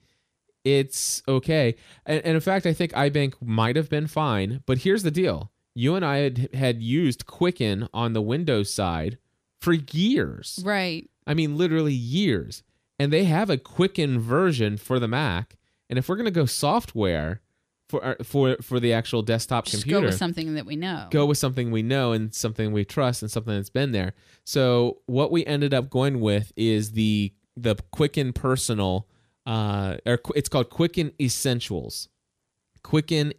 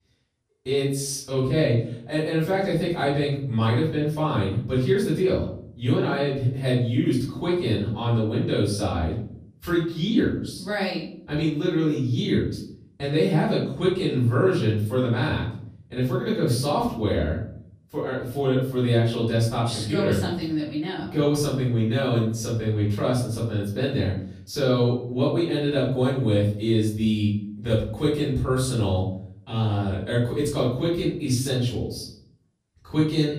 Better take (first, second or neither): first